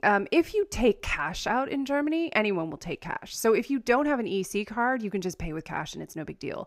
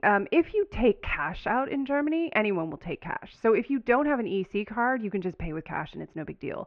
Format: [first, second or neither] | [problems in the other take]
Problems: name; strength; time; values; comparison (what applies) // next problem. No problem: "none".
first | muffled; very; fading above 3 kHz